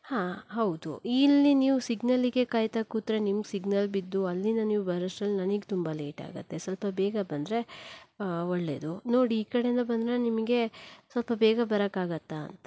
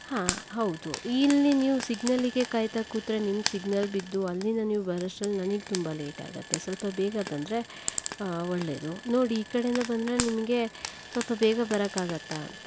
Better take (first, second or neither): first